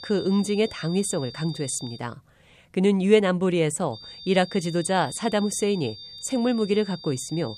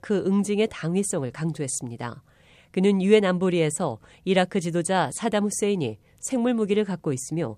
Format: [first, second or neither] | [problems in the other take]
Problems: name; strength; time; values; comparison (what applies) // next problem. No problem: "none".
second | high-pitched whine; noticeable; until 2 s and from 4 s on; 4.5 kHz, 15 dB below the speech